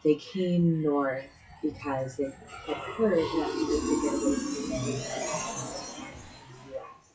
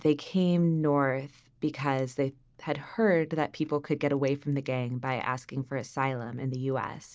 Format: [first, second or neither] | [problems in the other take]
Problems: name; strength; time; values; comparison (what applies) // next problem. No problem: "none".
second | noise reduction (classical method WPE with log-MMSE)